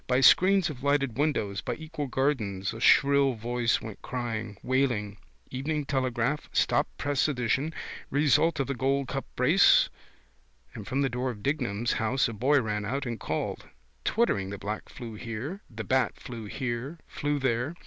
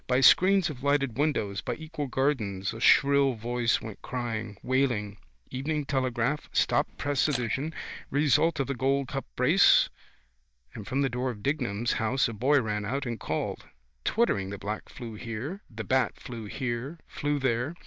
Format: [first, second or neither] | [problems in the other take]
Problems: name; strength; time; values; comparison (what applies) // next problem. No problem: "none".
first | noise reduction (neural mask model DeepFilterNet 3)